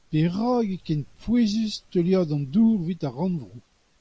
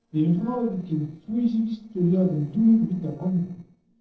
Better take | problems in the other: first | noise reduction (neural separator model SepFormer DNS4)

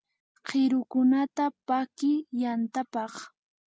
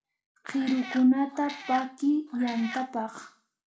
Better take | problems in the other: first | background sound (Meow); 14 dB below the speech // room echo; dies away in 0.4 s

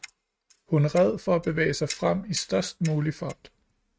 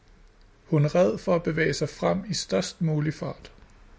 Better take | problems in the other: second | noise reduction (neural mask model RNNoise)

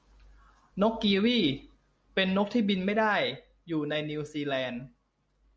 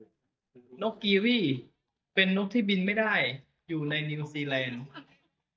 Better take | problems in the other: first | noise reduction (neural mask model DeepFilterNet 3)

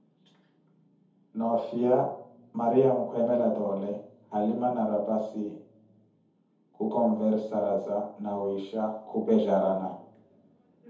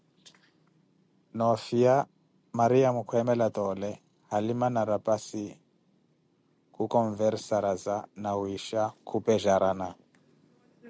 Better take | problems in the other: second | room echo; dies away in 0.6 s

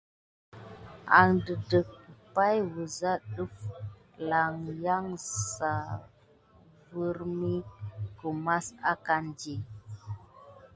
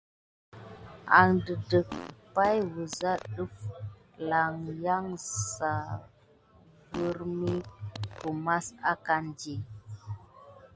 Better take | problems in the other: first | background sound (Fart); 13 dB below the speech

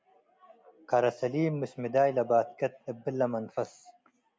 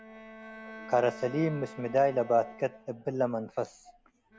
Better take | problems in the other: first | background sound (Bowed string instrument); 17 dB below the speech

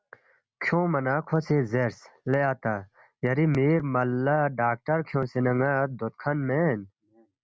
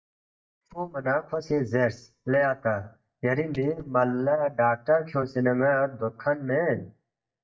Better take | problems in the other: first | noise reduction (neural mask model DeepFilterNet 3)

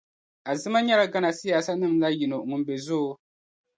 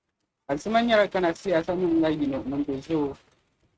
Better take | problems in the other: first | noise reduction (neural mask model RNNoise)

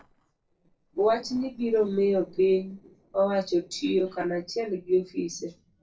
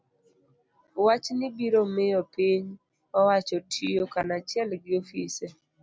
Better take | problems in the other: second | noise reduction (neural separator model SepFormer DNS4)

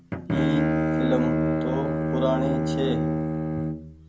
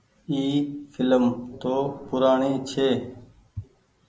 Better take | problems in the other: second | background sound (Bowed string instrument); 5 dB above the speech

